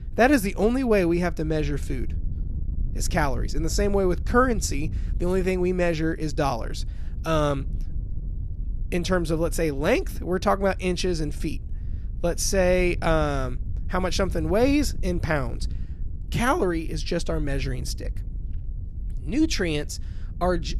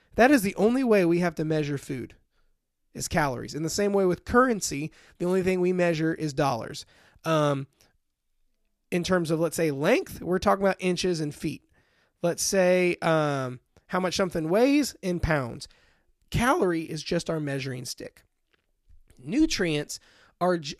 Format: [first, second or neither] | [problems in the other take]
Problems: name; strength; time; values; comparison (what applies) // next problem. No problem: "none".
second | wind noise on the microphone; occasional gusts; 25 dB below the speech